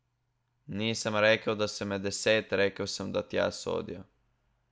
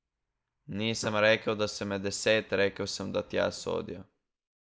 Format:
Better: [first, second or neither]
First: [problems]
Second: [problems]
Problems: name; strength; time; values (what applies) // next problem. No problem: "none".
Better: first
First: none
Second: noise reduction (neural mask model Resemble Enhance denoiser)